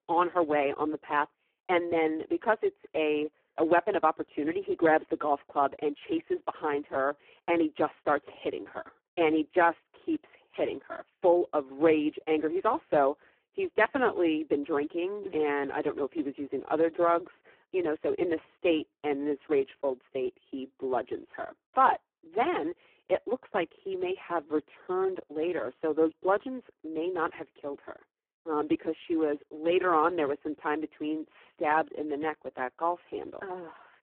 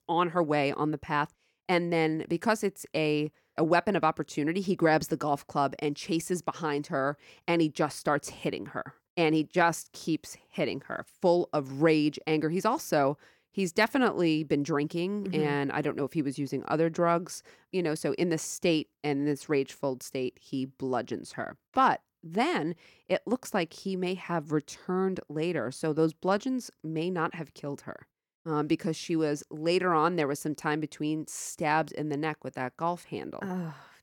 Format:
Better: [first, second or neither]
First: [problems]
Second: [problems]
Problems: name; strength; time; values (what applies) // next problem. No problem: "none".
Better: second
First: phone-call audio; poor line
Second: none